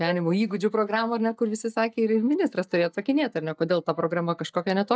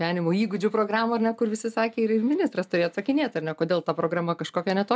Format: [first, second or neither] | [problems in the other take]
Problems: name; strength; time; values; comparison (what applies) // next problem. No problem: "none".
second | noise reduction (neural mask model DeepFilterNet 3)